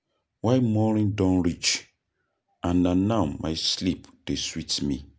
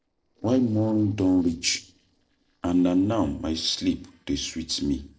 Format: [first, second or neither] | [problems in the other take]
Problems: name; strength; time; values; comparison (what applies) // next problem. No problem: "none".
first | noise reduction (neural separator model SepFormer DNS4)